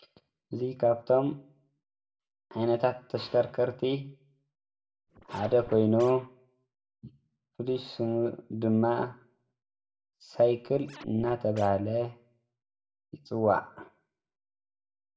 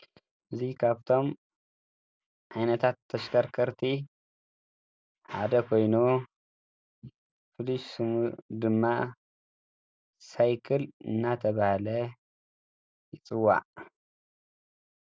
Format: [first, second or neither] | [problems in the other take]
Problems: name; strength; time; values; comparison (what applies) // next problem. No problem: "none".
second | background sound (Scratching (performance technique)); 20 dB below the speech // room echo; dies away in 0.4 s